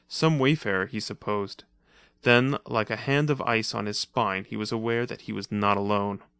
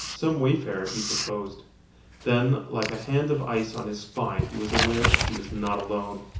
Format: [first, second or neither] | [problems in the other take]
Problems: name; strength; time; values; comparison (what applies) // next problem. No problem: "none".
first | background sound (Writing); 4 dB below the speech // room echo; dies away in 0.7 s